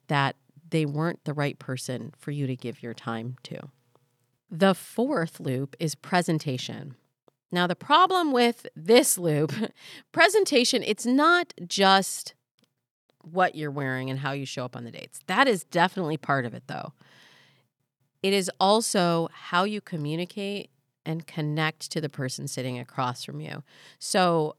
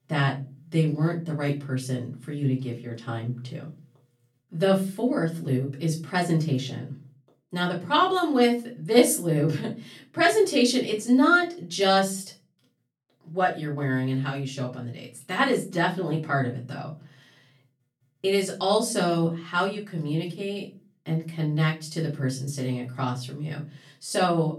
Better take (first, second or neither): first